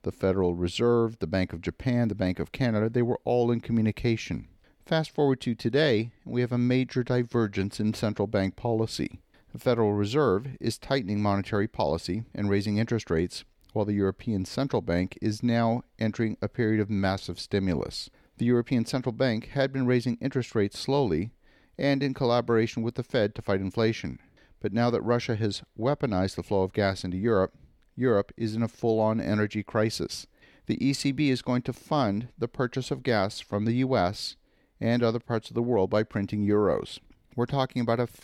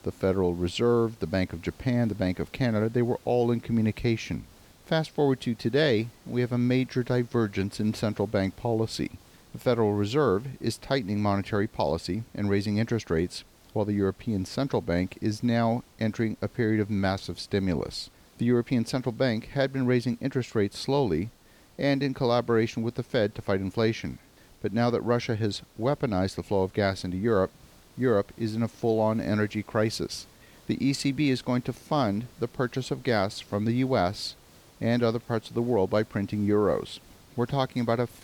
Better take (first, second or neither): first